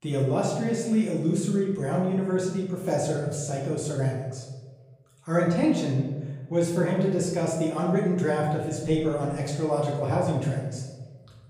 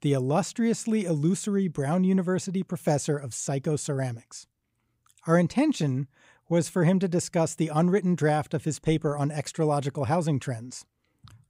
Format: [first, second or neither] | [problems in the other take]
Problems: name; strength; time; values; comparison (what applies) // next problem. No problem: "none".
second | off-mic speech; far // room echo; noticeable; dies away in 1 s